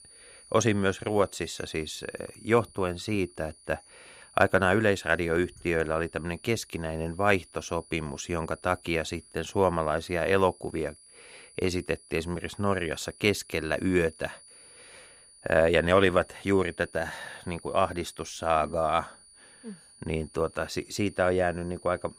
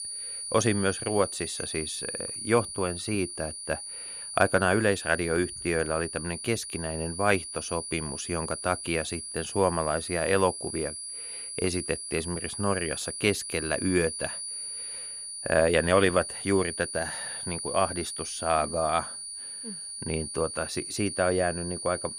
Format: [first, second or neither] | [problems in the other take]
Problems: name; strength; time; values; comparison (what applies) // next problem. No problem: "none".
first | high-pitched whine; loud; throughout; 9.5 kHz, 6 dB below the speech; faint in the first